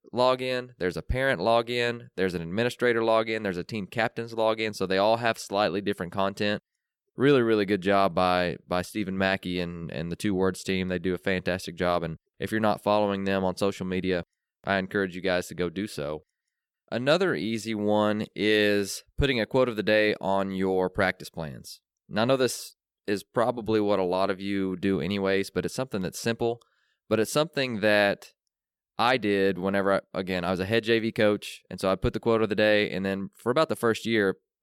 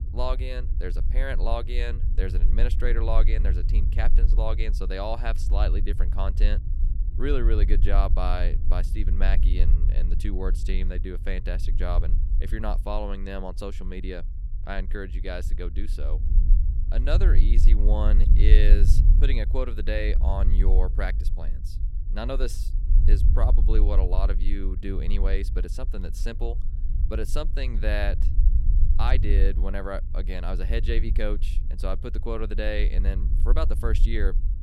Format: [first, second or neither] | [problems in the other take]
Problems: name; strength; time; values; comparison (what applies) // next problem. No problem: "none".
first | low rumble; noticeable; throughout; 10 dB below the speech